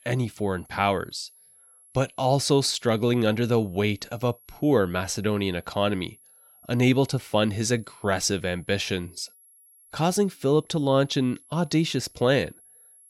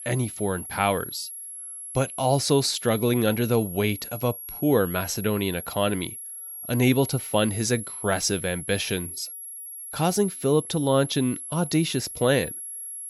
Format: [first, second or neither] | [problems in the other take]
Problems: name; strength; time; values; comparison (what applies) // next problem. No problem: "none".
first | high-pitched whine; loud; throughout; 11 kHz, 9 dB below the speech; faint in the first